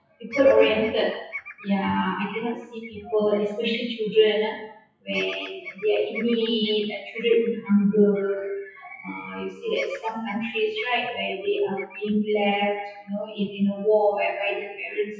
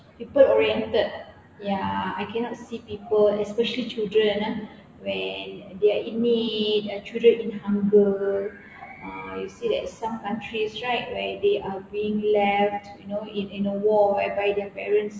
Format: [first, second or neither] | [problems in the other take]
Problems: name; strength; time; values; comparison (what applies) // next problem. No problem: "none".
second | noise reduction (classical method WPE with log-MMSE)